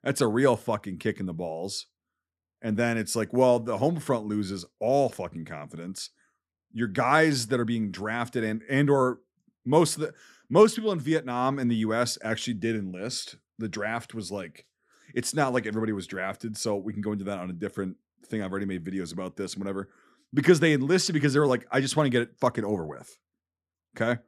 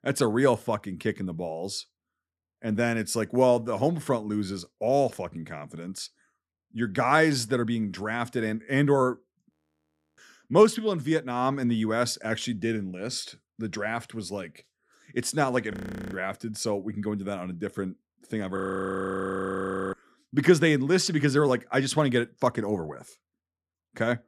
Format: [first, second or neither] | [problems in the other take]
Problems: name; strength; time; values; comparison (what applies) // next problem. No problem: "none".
first | audio freezing; at 9.5 s for 0.5 s, at 16 s and at 19 s for 1.5 s